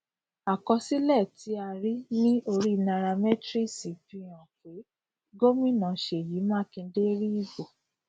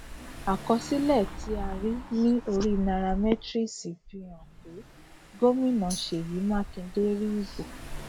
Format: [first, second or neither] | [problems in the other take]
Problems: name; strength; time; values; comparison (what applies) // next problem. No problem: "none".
first | background sound (Tambourine + Engine / Car); 10 dB below the speech